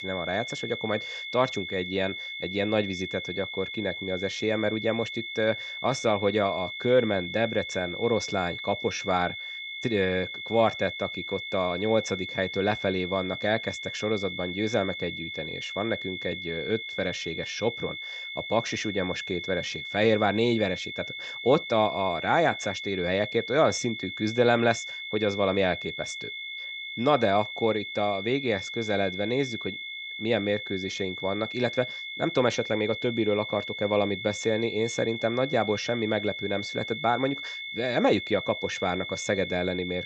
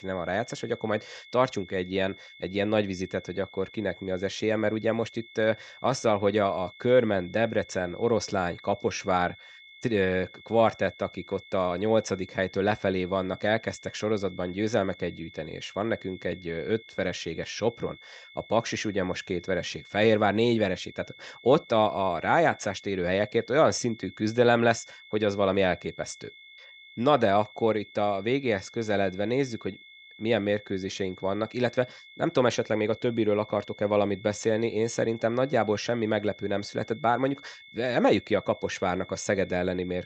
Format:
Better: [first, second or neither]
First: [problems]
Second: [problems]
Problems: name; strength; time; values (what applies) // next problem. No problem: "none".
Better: second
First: high-pitched whine; loud; throughout; 2 kHz, 6 dB below the speech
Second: high-pitched whine; faint; throughout; 2 kHz, 20 dB below the speech